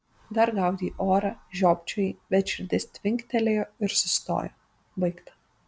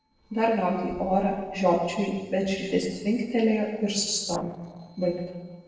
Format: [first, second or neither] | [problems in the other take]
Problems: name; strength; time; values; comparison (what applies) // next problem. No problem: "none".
first | noise reduction (neural separator model SepFormer DNS4)